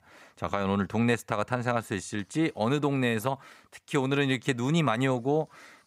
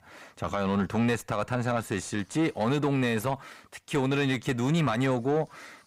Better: first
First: none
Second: distortion; slight; 10 dB below the speech

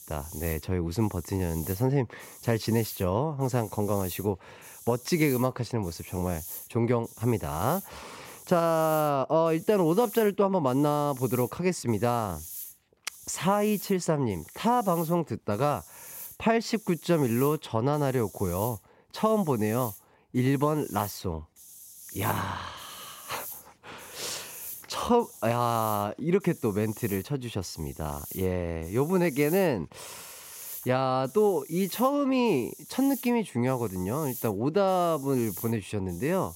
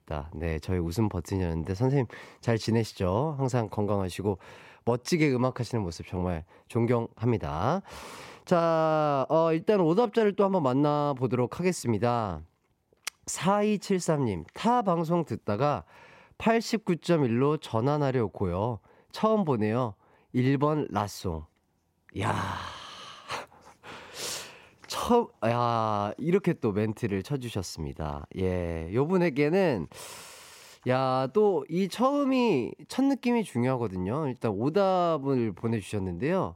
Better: second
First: hiss; noticeable; throughout; 15 dB below the speech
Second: none

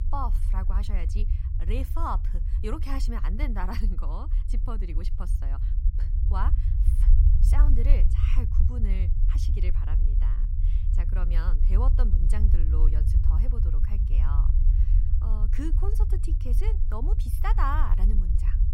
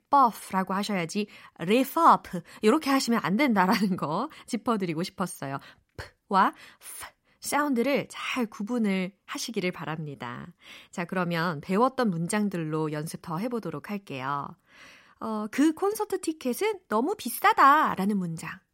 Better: second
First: low rumble; loud; throughout; 8 dB below the speech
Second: none

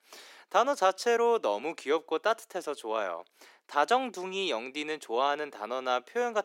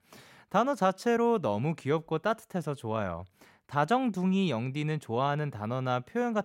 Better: second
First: thin; very; fading below 300 Hz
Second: none

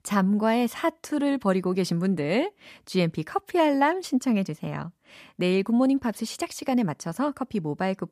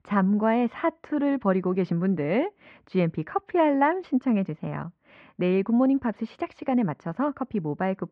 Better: first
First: none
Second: muffled; very; fading above 2 kHz

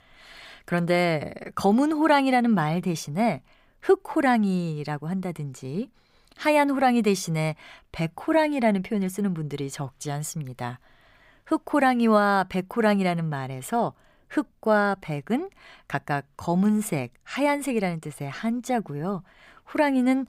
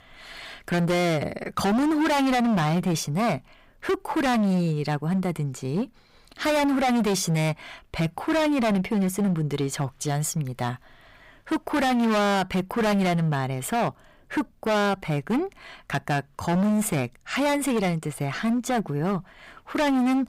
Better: first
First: none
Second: distortion; heavy; 21% of the sound clipped

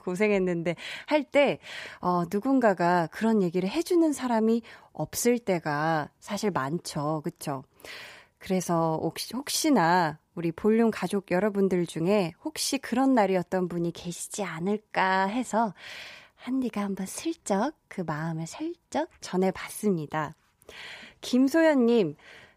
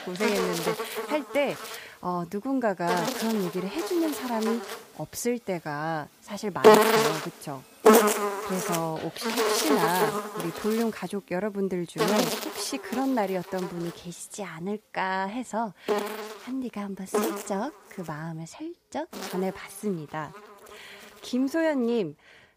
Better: first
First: none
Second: animal sounds; very loud; throughout; 4 dB above the speech

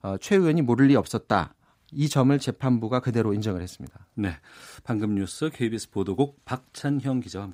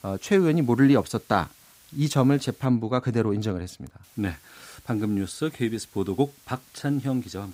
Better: first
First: none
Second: hiss; faint; until 2.5 s and from 4 s on; 25 dB below the speech

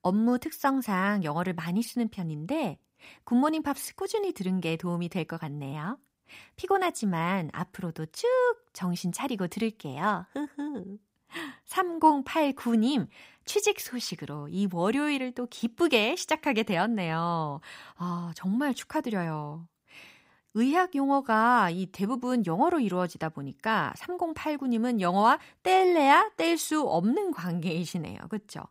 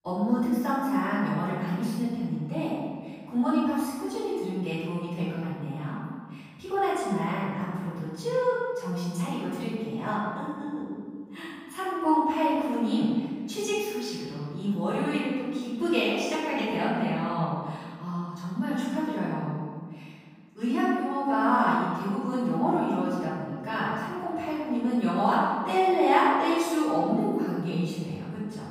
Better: first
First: none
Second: off-mic speech; far // room echo; strong; dies away in 1.6 s

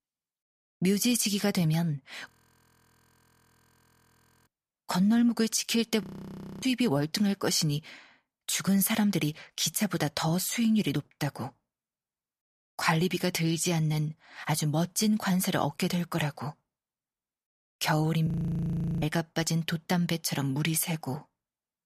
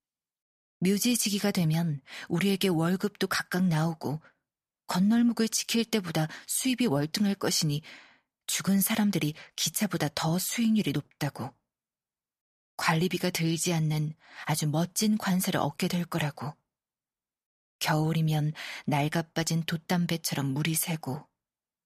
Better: second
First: audio freezing; at 2.5 s for 2 s, at 6 s for 0.5 s and at 18 s for 1 s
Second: none

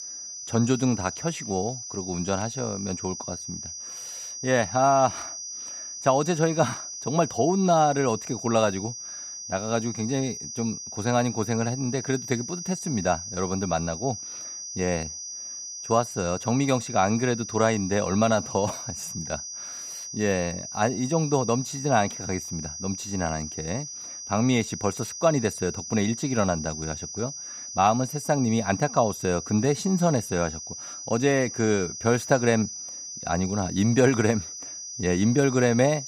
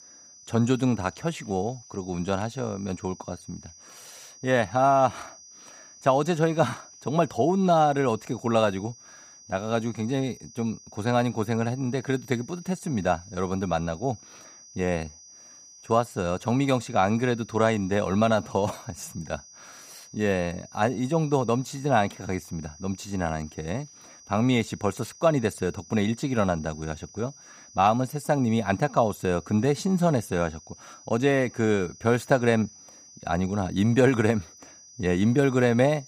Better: second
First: high-pitched whine; loud; throughout; 6 kHz, 9 dB below the speech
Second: high-pitched whine; faint; throughout; 6 kHz, 20 dB below the speech

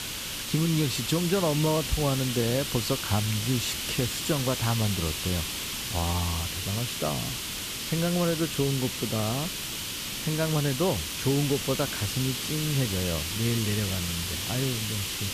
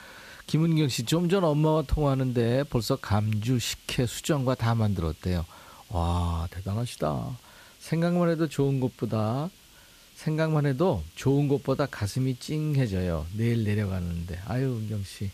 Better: second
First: hiss; loud; throughout; 2 dB below the speech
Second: hiss; faint; throughout; 25 dB below the speech

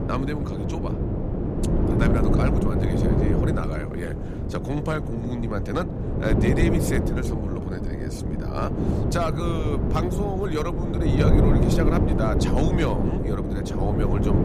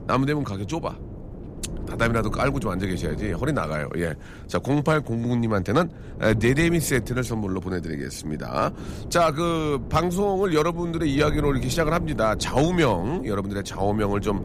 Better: second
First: wind noise on the microphone; heavy; as loud as the speech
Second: wind noise on the microphone; occasional gusts; 15 dB below the speech

